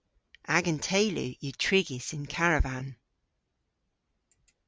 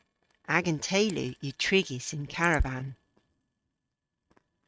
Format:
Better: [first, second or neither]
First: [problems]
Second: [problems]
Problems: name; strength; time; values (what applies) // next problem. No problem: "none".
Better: first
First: none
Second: noise reduction (neural mask model RNNoise)